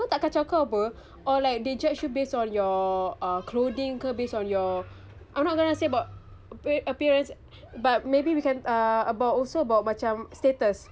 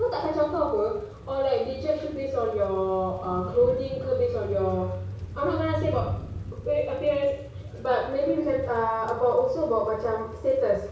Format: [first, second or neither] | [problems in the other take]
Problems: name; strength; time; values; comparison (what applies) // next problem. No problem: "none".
first | background sound (Thunder / Rain); 17 dB below the speech // room echo; dies away in 0.6 s